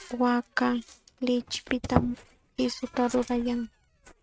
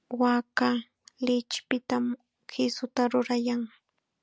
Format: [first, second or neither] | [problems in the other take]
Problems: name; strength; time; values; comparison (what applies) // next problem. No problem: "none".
second | noise reduction (neural mask model RNNoise)